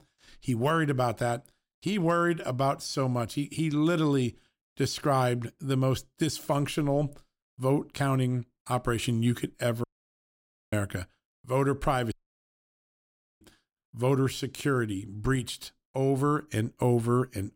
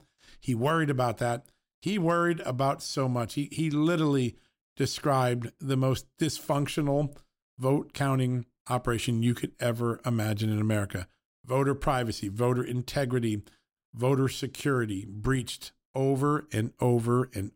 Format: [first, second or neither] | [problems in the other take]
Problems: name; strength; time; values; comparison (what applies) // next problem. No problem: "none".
second | audio cutting out; at 10 s for 1 s and at 12 s for 1.5 s